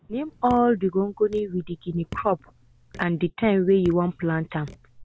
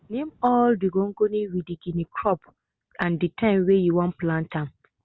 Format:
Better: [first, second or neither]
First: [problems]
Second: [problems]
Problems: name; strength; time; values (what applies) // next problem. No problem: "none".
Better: second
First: background sound (Raindrop / Drip); 20 dB below the speech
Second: none